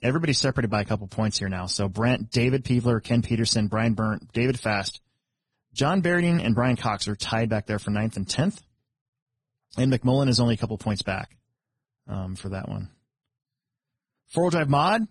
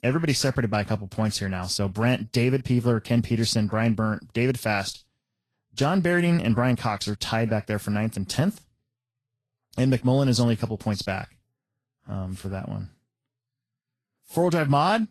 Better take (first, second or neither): second